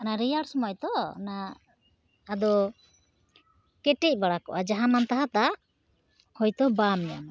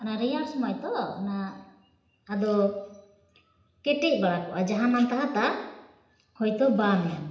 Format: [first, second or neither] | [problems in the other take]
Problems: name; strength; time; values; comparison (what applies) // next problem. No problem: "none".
first | room echo; dies away in 0.8 s